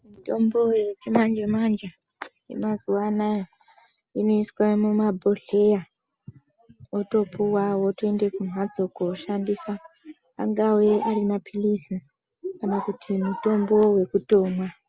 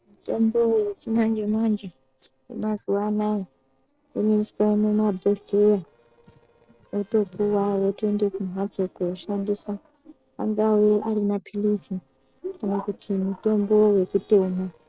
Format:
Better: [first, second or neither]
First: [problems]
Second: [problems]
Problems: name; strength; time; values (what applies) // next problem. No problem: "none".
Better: first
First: none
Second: noise reduction (neural separator model SepFormer DNS4)